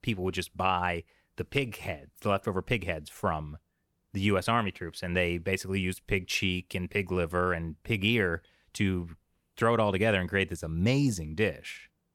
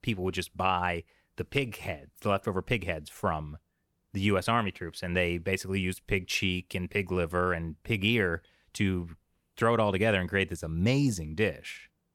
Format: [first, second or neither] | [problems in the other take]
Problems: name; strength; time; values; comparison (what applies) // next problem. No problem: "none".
neither | none